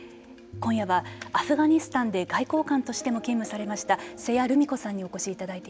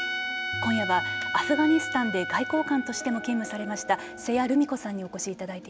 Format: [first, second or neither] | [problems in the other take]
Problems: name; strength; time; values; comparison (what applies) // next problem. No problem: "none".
first | background sound (Trumpet); 7 dB below the speech